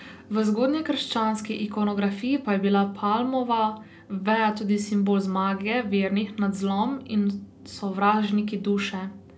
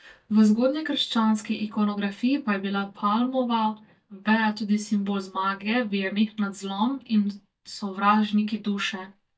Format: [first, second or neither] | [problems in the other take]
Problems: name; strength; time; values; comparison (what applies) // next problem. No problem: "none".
first | noise reduction (neural mask model DeepFilterNet 3)